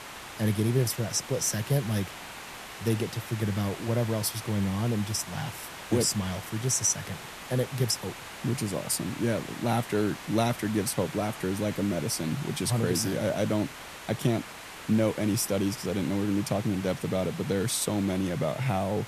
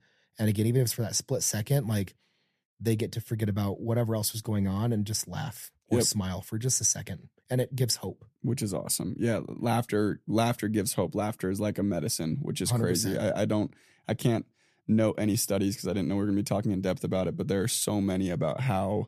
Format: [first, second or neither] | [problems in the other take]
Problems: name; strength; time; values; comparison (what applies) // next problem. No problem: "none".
second | hiss; noticeable; throughout; 10 dB below the speech